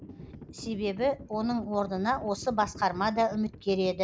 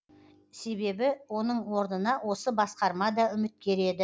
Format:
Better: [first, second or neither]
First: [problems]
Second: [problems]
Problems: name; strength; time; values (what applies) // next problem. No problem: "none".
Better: second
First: background sound (Livestock, farm animals, working animals); 15 dB below the speech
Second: none